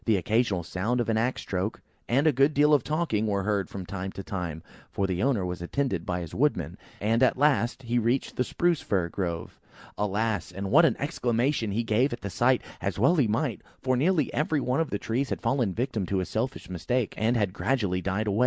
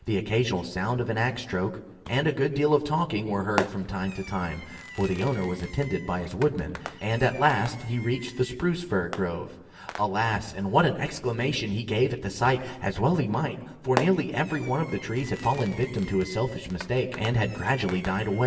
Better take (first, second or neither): first